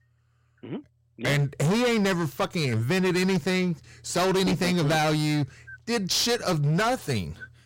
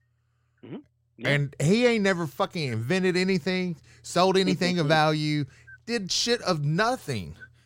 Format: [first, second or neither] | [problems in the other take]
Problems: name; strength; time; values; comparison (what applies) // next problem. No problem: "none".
second | distortion; heavy; 19% of the sound clipped